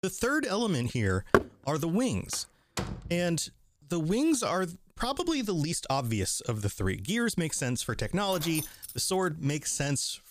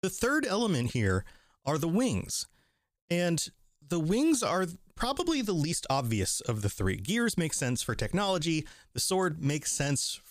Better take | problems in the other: second | door banging; loud; at 1.5 s; peak 3 dB above the speech // door banging; noticeable; at 2.5 s; peak 6 dB below the speech // jangling keys; noticeable; at 8.5 s; peak 7 dB below the speech

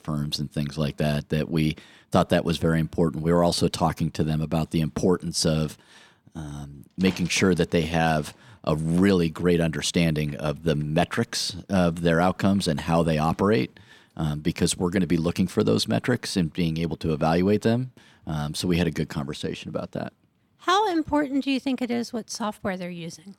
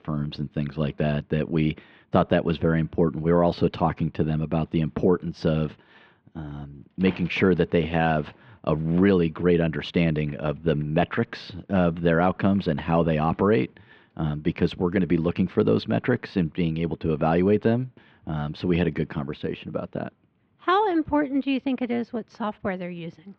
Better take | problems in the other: first | muffled; very; fading above 3 kHz

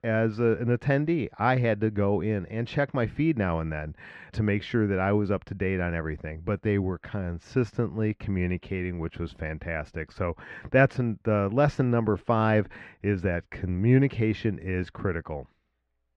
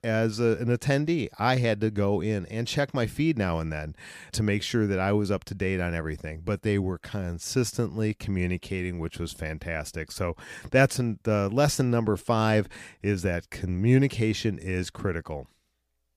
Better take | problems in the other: second | muffled; very; fading above 2 kHz

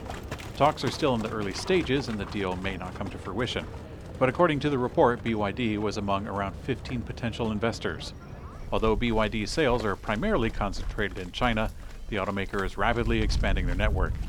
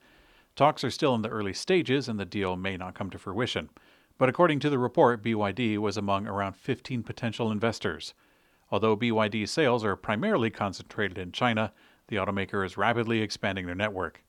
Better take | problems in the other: second | animal sounds; loud; throughout; 10 dB below the speech

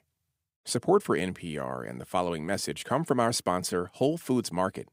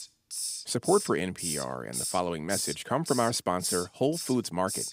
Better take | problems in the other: first | hiss; loud; throughout; 5 dB below the speech

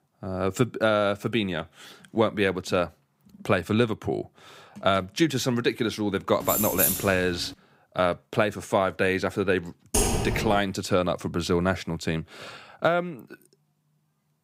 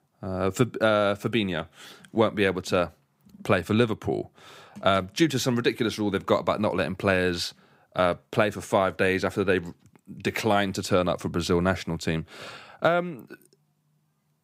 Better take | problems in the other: second | jangling keys; loud; from 6.5 to 7.5 s; peak 4 dB above the speech // keyboard typing; loud; at 10 s; peak 2 dB above the speech

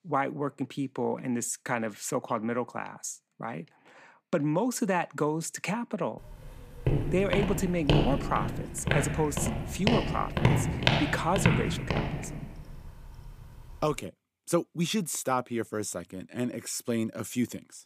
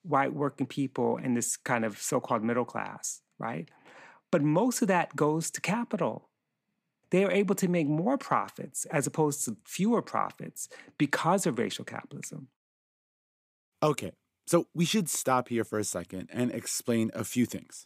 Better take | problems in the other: second | footsteps; loud; from 7 to 12 s; peak 5 dB above the speech

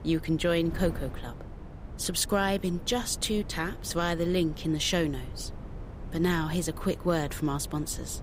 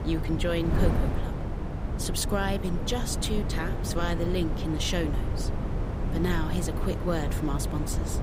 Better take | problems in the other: first | wind noise on the microphone; heavy; 5 dB below the speech; occasional gusts in the first

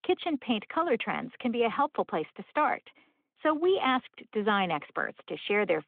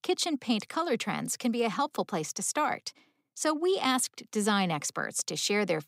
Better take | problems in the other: second | phone-call audio; nothing above 3.5 kHz

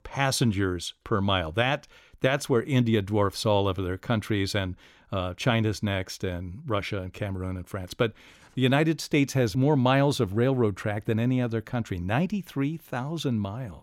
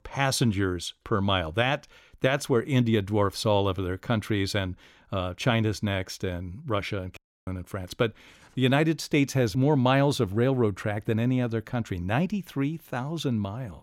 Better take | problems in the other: first | audio cutting out; at 7 s

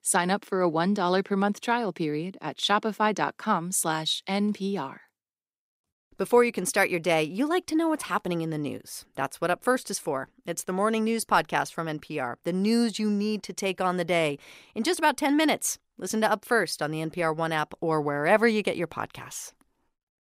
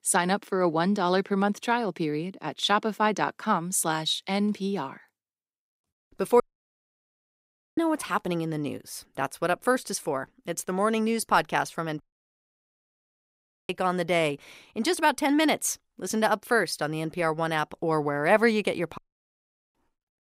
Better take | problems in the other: first | audio cutting out; at 6.5 s for 1.5 s, at 12 s for 1.5 s and at 19 s for 1 s

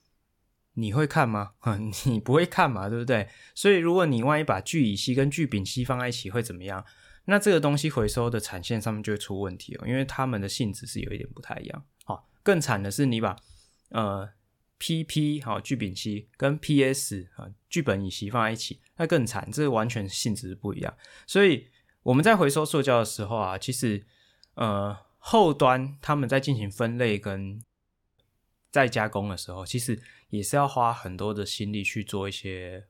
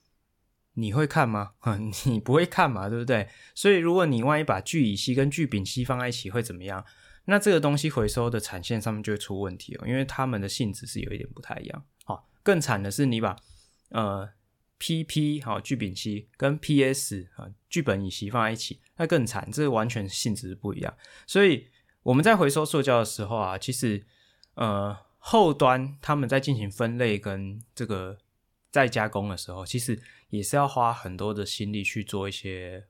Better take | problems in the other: second | audio cutting out; at 28 s for 0.5 s

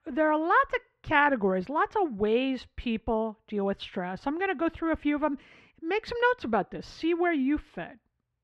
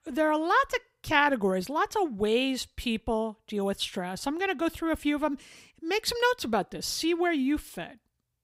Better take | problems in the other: second | muffled; very; fading above 2 kHz

